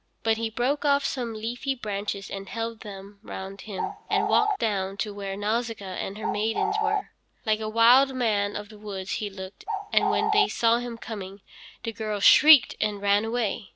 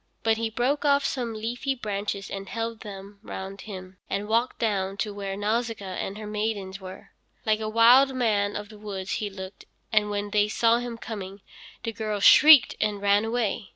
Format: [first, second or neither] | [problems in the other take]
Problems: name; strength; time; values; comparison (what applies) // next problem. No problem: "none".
second | background sound (Bird); 1 dB above the speech